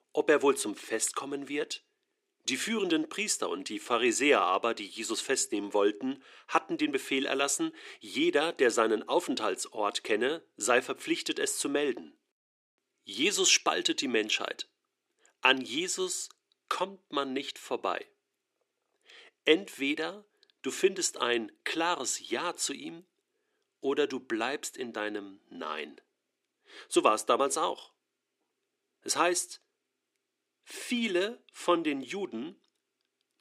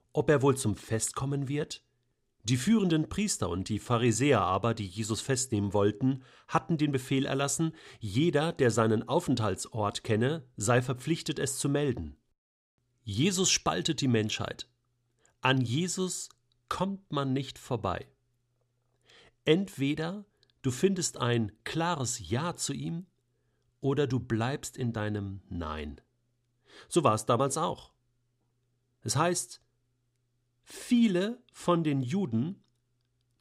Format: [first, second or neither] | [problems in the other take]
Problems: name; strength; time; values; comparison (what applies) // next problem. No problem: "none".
second | thin; somewhat; fading below 300 Hz